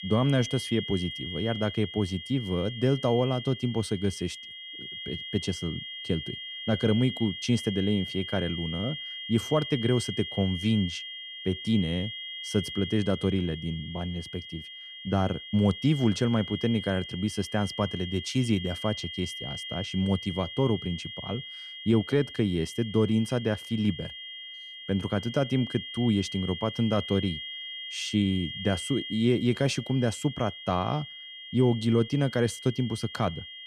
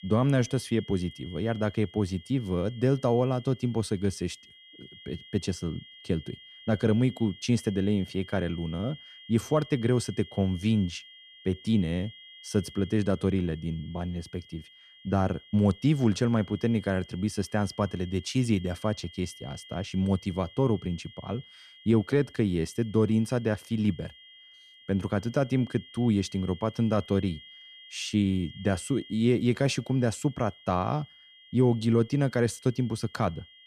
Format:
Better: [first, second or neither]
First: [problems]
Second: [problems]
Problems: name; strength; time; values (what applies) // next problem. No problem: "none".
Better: second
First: high-pitched whine; loud; throughout; 3 kHz, 9 dB below the speech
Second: high-pitched whine; faint; throughout; 3 kHz, 20 dB below the speech